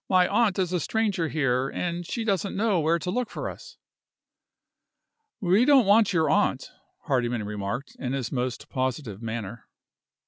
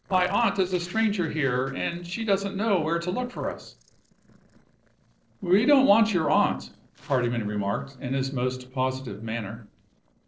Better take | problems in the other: first | noise reduction (neural separator model SepFormer DNS4)

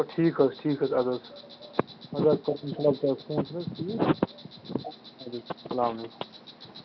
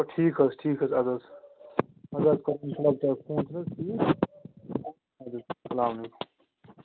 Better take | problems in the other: second | background sound (Insect); 20 dB below the speech

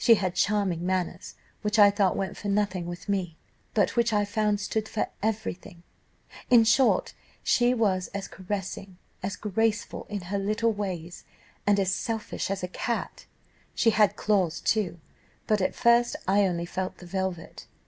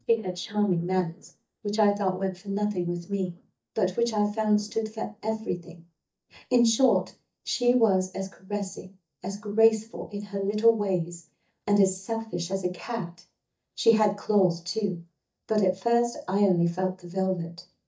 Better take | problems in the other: first | noise reduction (neural mask model DeepFilterNet 3)

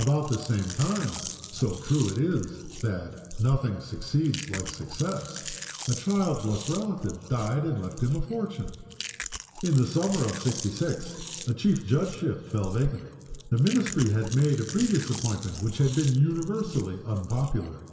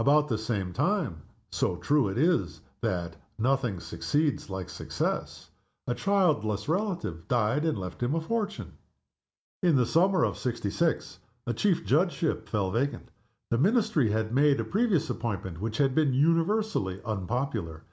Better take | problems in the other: second | background sound (Chewing, mastication); 12 dB below the speech // room echo; dies away in 2.3 s

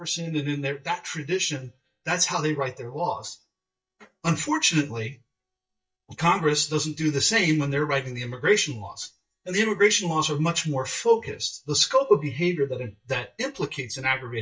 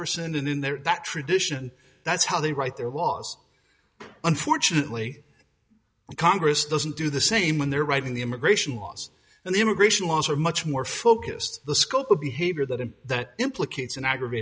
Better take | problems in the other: second | noise reduction (neural mask model DeepFilterNet 3)

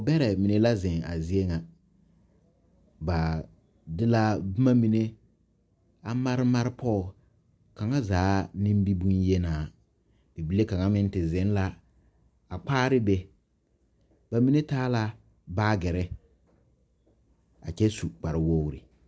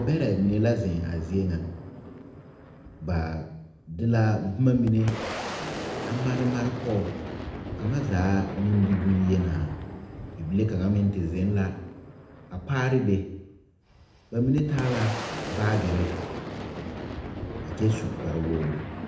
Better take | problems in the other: first | background sound (Boom); 9 dB below the speech // room echo; dies away in 0.7 s

